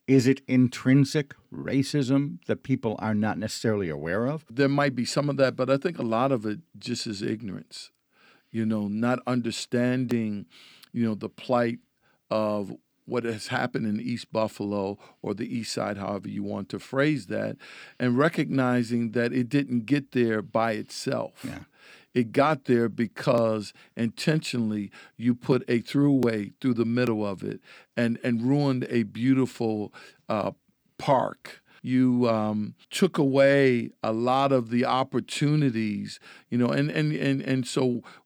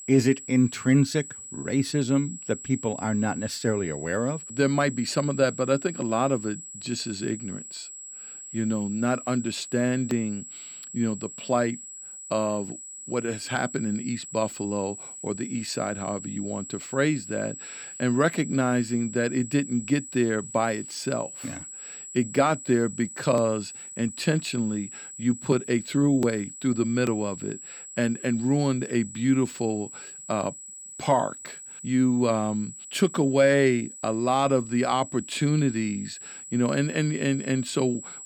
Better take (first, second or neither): first